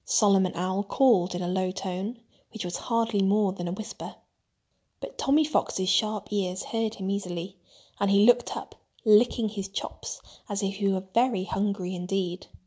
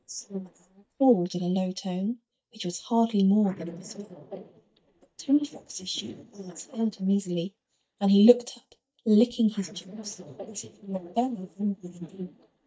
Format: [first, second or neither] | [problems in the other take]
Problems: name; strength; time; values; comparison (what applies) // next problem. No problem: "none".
first | noise reduction (neural mask model DeepFilterNet 3)